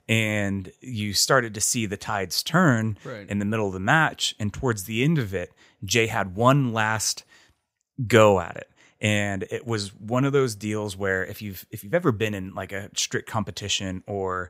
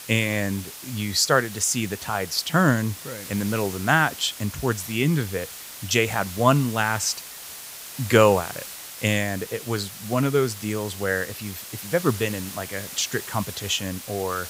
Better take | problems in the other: first | hiss; noticeable; throughout; 10 dB below the speech

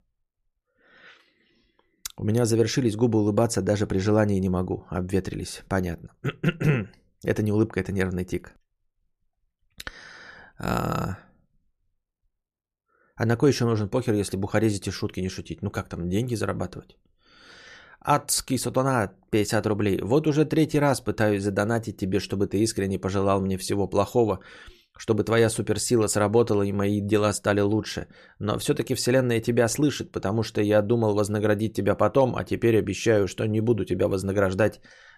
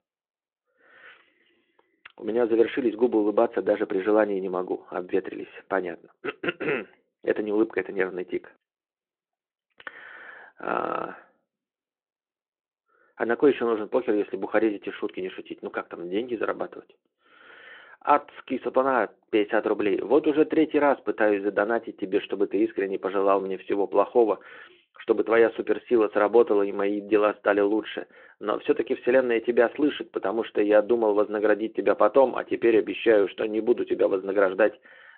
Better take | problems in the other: first | phone-call audio

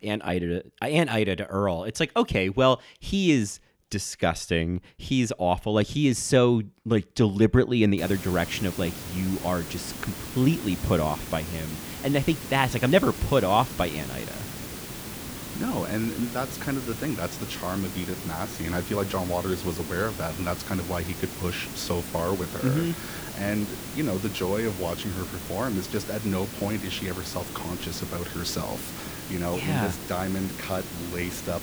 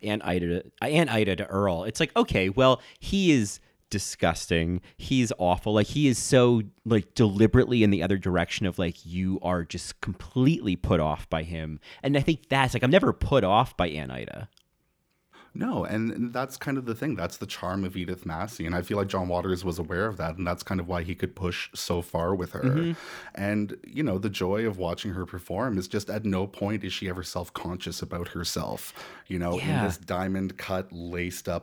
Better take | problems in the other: second | hiss; loud; from 8 s on; 9 dB below the speech

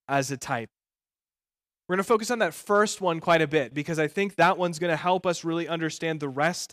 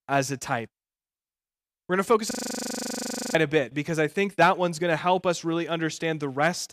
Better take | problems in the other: first | audio freezing; at 2.5 s for 1 s

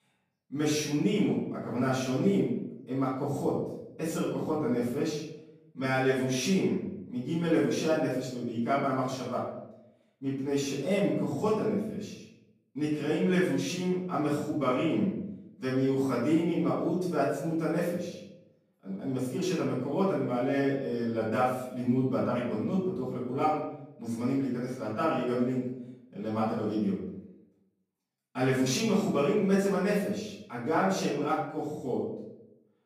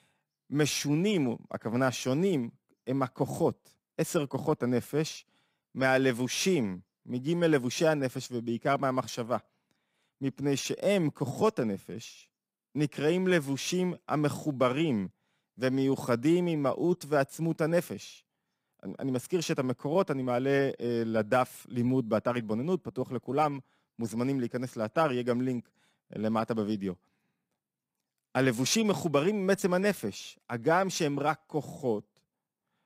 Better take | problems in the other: second | off-mic speech; far // room echo; noticeable; dies away in 0.7 s

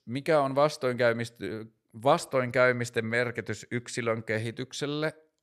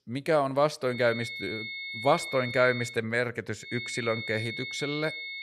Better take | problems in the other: first | high-pitched whine; loud; from 1 to 3 s and from 3.5 s on; 2 kHz, 7 dB below the speech

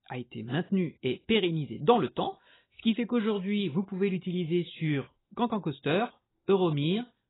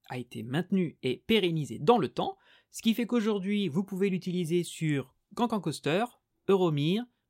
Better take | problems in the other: second | garbled, watery; badly; nothing above 4 kHz

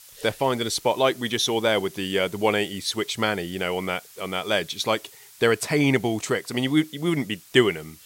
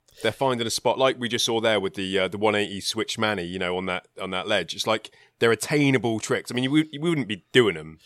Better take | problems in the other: second | hiss; faint; throughout; 20 dB below the speech

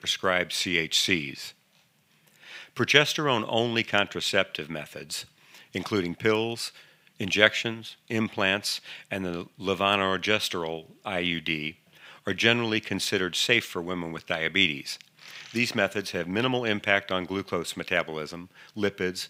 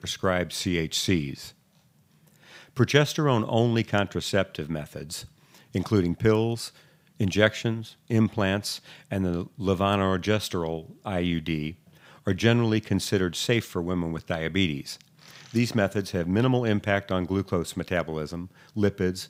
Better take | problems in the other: second | thin; very slightly; fading below 350 Hz

